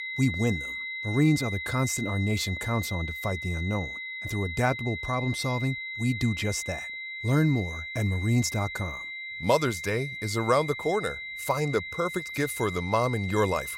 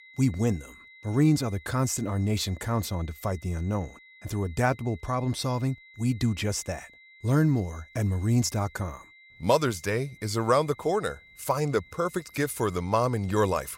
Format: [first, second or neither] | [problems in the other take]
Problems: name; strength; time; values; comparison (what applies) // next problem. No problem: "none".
second | high-pitched whine; loud; throughout; 2 kHz, 6 dB below the speech; faint in the second